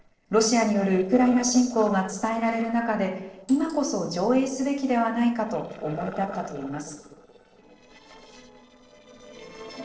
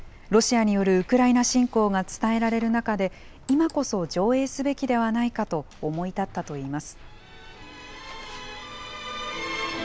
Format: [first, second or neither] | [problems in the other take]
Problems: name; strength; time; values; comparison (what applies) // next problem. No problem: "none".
second | noise reduction (neural separator model SepFormer DNS4)